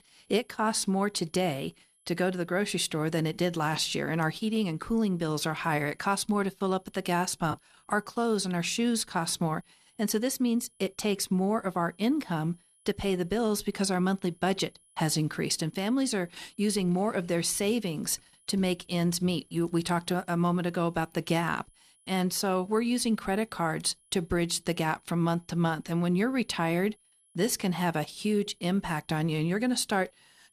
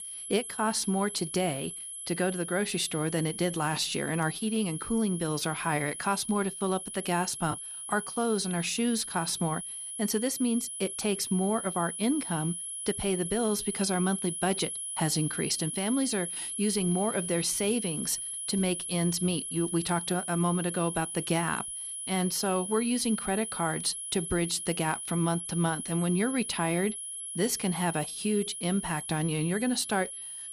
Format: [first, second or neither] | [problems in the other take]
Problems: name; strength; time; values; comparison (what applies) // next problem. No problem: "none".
first | high-pitched whine; loud; throughout; 11 kHz, 5 dB below the speech; faint in the first